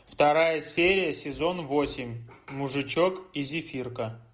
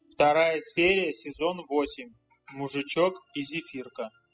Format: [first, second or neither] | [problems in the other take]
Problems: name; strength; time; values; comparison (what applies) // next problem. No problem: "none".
first | noise reduction (classical method spectral subtraction)